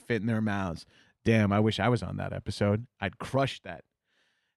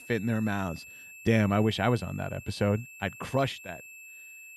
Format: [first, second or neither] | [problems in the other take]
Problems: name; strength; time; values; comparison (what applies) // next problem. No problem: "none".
first | high-pitched whine; noticeable; throughout; 2.5 kHz, 15 dB below the speech